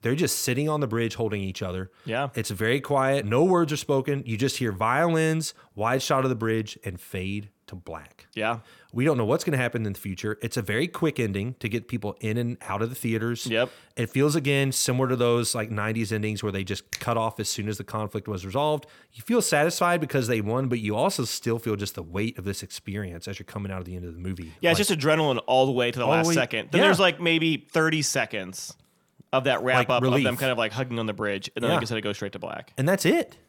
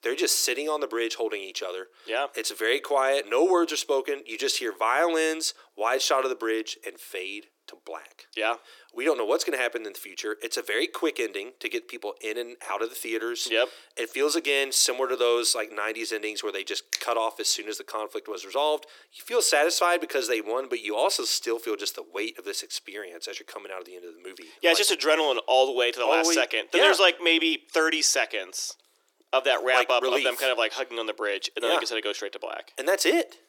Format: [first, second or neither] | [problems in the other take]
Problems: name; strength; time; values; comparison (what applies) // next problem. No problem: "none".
first | thin; very; fading below 350 Hz